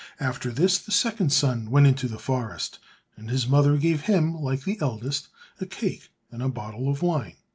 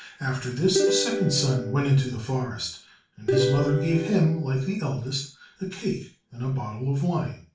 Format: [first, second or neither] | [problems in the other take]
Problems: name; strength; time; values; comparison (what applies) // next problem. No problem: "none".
first | background sound (Plucked string instrument); 2 dB below the speech // room echo; dies away in 0.4 s